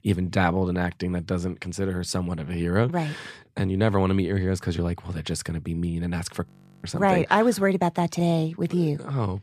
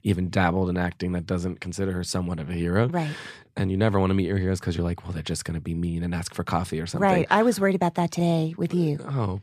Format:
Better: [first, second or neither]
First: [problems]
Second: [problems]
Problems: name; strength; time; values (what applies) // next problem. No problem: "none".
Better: second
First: audio freezing; at 6.5 s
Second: none